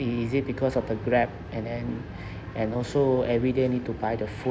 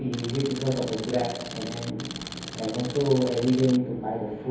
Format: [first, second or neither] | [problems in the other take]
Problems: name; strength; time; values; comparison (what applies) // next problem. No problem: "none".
first | background sound (Tools); 13 dB below the speech // room echo; dies away in 2.2 s